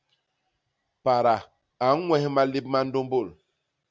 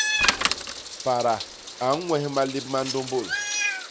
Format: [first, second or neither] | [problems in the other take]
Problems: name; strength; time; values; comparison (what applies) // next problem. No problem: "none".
first | background sound (Bicycle + Meow); 1 dB below the speech